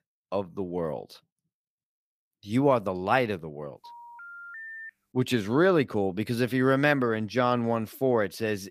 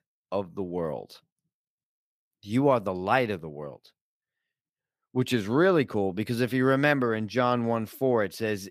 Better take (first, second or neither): second